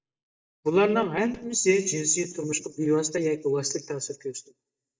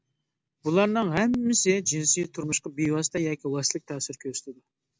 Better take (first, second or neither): second